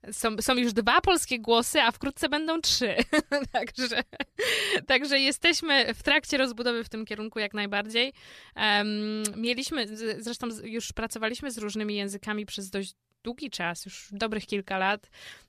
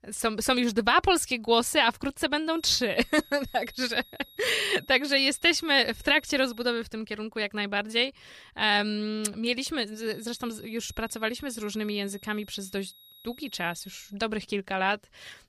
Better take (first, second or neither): first